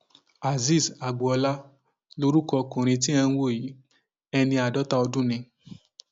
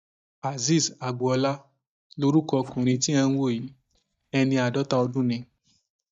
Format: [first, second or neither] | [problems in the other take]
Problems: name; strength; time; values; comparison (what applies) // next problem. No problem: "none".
first | noise reduction (neural mask model DeepFilterNet 3)